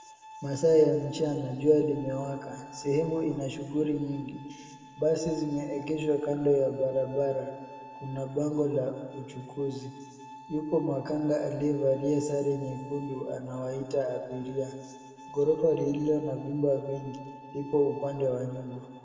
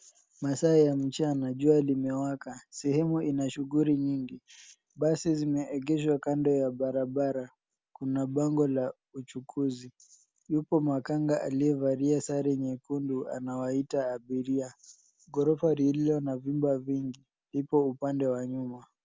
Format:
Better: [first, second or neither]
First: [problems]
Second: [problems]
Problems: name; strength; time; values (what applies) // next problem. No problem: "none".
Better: second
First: background sound (Bowed string instrument); 20 dB below the speech // room echo; dies away in 2 s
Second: none